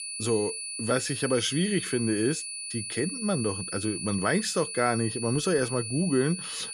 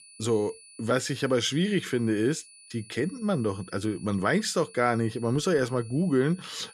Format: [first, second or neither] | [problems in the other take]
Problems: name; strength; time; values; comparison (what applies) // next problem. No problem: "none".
second | high-pitched whine; loud; throughout; 9.5 kHz, 5 dB below the speech; faint in the second